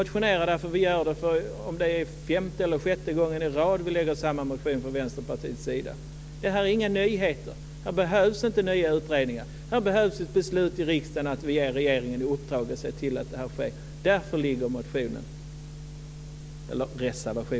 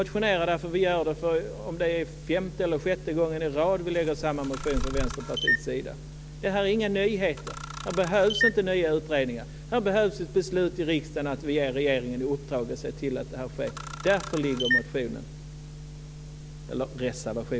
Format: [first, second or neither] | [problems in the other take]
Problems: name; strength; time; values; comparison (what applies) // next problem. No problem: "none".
first | background sound (Camera + Fireworks); 4 dB below the speech